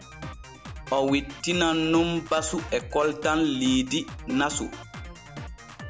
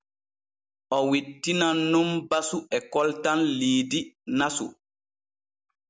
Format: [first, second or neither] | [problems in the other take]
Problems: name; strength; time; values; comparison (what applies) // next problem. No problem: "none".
second | background sound (Drum kit); 13 dB below the speech